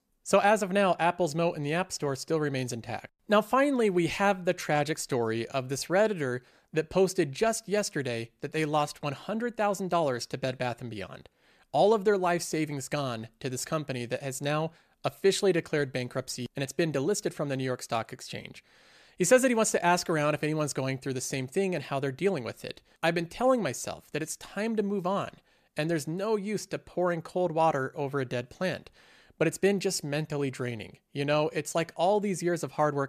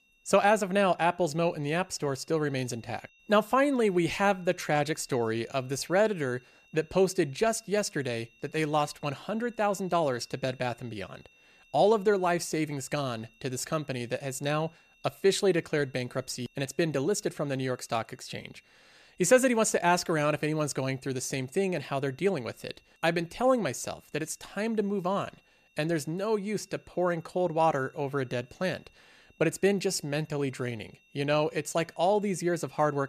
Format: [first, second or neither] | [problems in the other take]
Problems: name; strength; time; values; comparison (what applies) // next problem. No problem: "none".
first | high-pitched whine; faint; throughout; 2.5 kHz, 30 dB below the speech